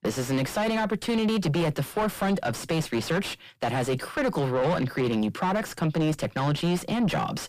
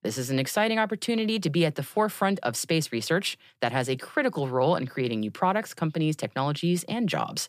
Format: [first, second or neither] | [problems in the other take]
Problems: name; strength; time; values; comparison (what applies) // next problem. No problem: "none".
second | distortion; heavy; 5 dB below the speech